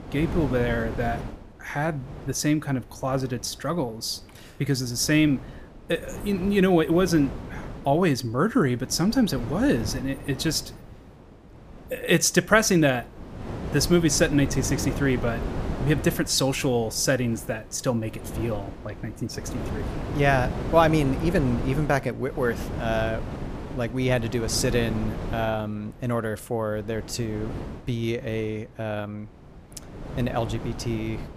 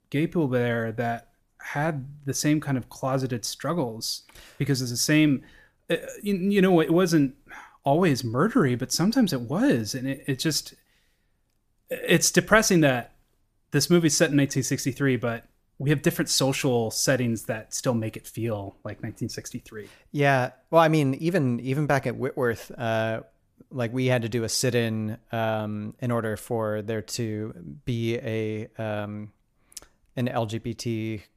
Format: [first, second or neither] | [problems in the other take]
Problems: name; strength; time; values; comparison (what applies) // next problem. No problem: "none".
second | wind noise on the microphone; occasional gusts; 15 dB below the speech